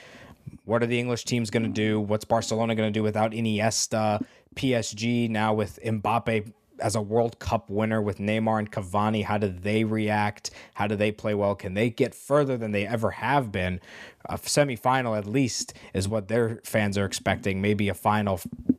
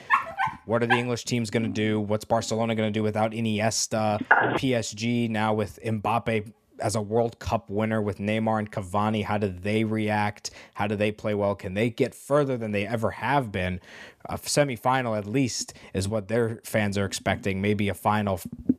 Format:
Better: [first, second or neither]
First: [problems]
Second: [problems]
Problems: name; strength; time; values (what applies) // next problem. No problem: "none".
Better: first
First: none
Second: dog barking; loud; at the start; peak 3 dB above the speech // phone ringing; loud; at 4.5 s; peak 5 dB above the speech